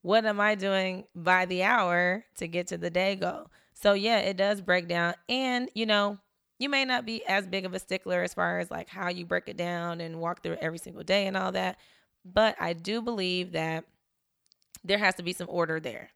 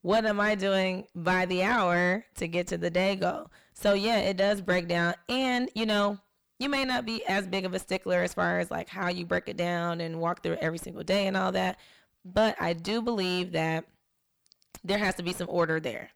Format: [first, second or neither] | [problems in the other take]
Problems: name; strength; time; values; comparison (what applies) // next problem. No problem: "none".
first | distortion; heavy; 8 dB below the speech